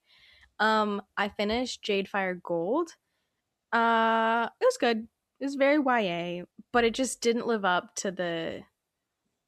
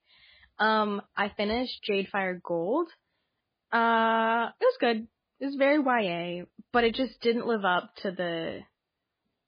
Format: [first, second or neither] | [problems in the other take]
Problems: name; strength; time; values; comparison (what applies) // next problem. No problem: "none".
first | garbled, watery; badly; nothing above 4 kHz